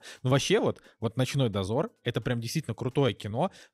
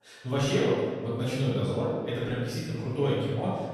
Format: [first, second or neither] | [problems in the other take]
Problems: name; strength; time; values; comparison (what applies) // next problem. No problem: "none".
first | room echo; strong; dies away in 1.5 s // off-mic speech; far